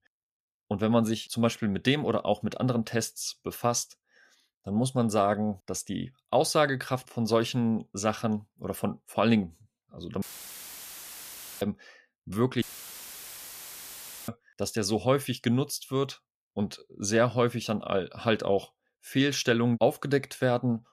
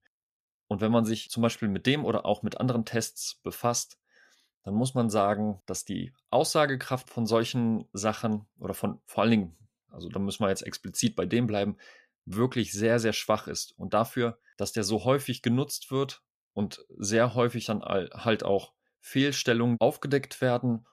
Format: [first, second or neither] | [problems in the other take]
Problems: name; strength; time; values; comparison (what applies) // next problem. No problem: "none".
second | audio cutting out; filled with static; at 10 s for 1.5 s and at 13 s for 1.5 s